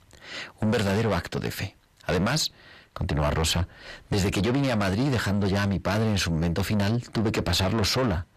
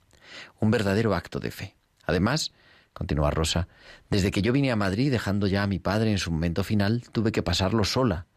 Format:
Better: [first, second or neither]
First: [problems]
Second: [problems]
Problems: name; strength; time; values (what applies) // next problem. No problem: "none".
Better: second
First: distortion; heavy; 7 dB below the speech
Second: none